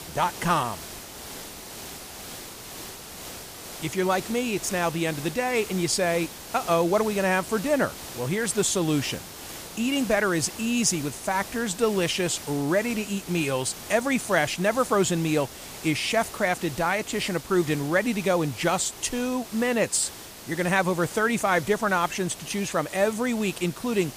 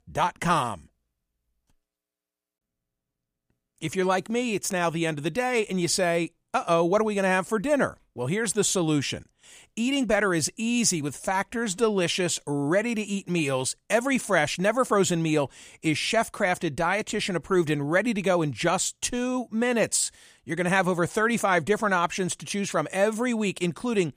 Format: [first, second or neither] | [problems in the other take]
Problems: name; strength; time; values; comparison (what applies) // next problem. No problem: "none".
second | hiss; noticeable; throughout; 15 dB below the speech